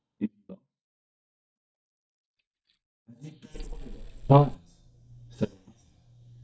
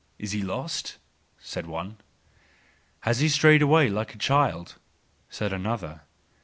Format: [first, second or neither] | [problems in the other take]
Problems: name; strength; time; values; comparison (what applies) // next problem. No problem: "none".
second | noise reduction (neural mask model DeepFilterNet 3)